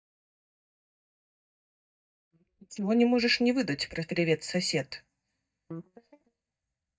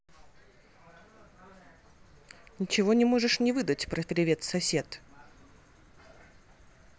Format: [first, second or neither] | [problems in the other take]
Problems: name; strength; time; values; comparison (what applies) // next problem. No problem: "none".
second | noise reduction (neural mask model DeepFilterNet 3)